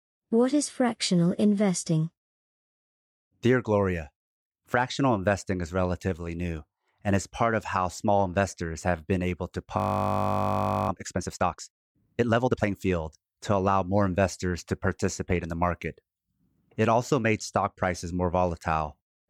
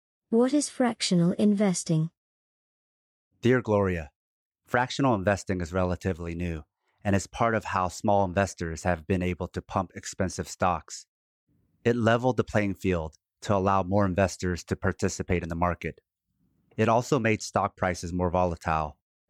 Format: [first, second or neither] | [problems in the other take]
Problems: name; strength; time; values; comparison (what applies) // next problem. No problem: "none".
second | audio freezing; at 10 s for 1 s